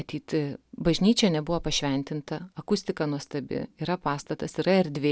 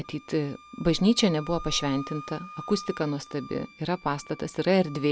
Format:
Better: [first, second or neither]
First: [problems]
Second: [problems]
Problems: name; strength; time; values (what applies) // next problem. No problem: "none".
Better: first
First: none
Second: background sound (Wind instrument, woodwind instrument); 17 dB below the speech